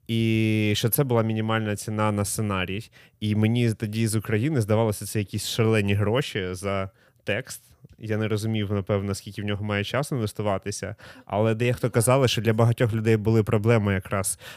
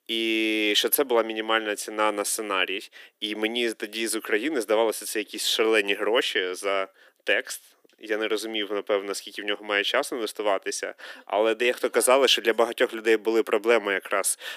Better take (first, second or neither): first